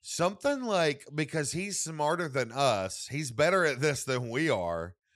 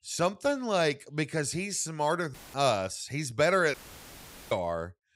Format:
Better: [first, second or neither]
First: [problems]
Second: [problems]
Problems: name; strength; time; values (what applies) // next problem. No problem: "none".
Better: first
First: none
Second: audio cutting out; filled with static; at 2.5 s and at 3.5 s for 1 s